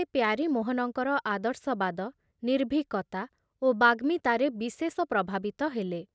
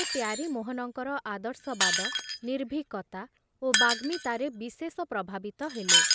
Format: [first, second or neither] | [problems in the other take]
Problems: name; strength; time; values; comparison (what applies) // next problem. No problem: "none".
first | background sound (Shatter); 2 dB above the speech